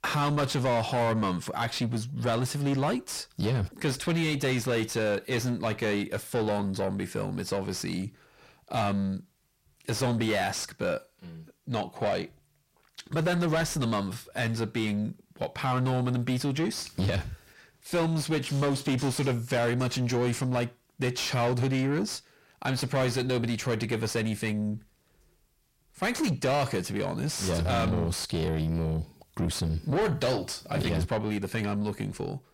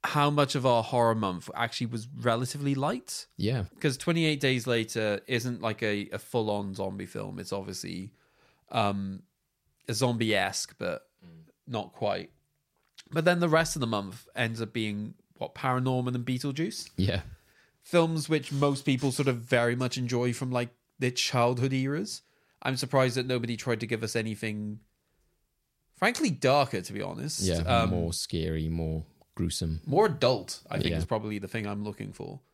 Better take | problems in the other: second | distortion; heavy; 6 dB below the speech

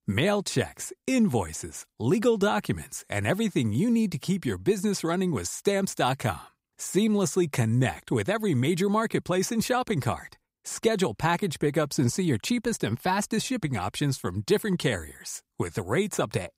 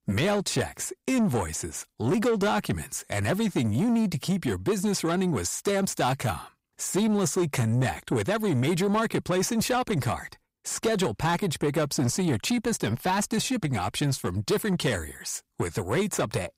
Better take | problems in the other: first | distortion; slight; 10 dB below the speech

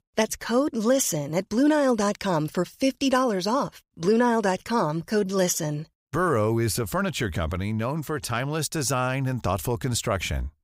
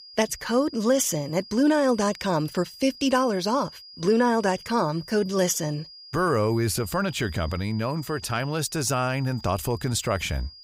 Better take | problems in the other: first | high-pitched whine; noticeable; throughout; 5 kHz, 20 dB below the speech

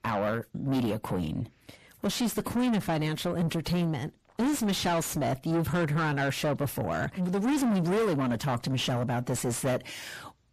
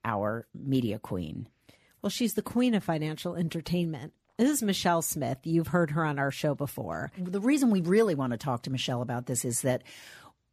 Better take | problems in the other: second | distortion; heavy; 6 dB below the speech

